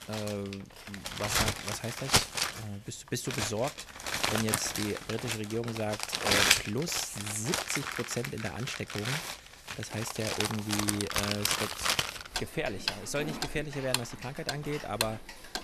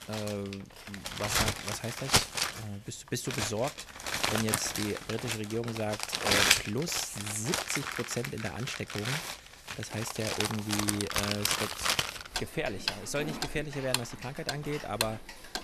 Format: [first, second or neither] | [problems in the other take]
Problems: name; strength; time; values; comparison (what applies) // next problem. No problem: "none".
neither | household noises; very loud; throughout; 4 dB above the speech; the same in both